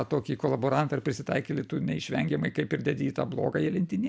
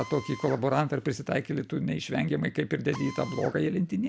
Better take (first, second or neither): first